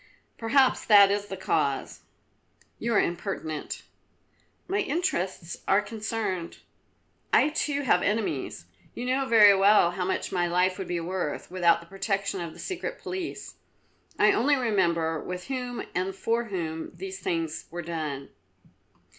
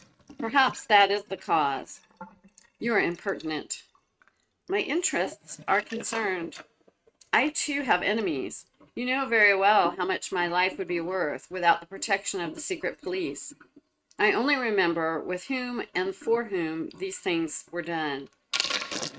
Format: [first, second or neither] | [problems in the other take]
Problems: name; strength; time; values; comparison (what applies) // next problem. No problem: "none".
first | noise reduction (neural mask model RNNoise)